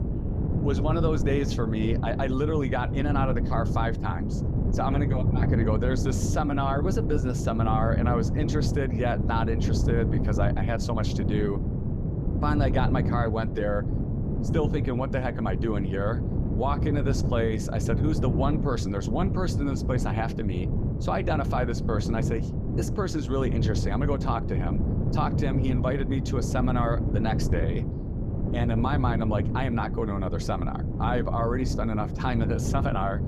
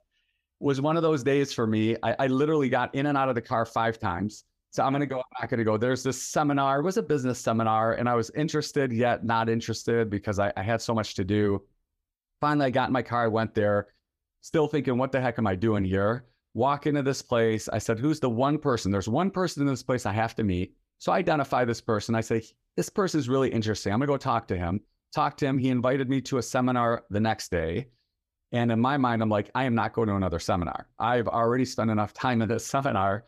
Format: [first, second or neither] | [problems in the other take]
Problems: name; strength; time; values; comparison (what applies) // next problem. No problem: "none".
second | wind noise on the microphone; heavy; 6 dB below the speech